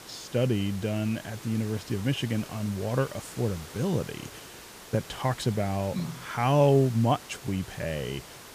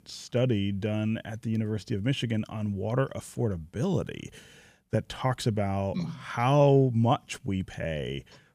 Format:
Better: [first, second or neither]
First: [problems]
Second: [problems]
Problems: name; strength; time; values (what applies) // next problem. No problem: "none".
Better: second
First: hiss; noticeable; throughout; 15 dB below the speech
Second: none